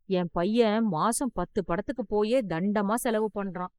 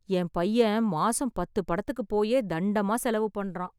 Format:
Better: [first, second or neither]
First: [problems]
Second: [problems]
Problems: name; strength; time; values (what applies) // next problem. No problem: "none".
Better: second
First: noise reduction (neural mask model Resemble Enhance denoiser)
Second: none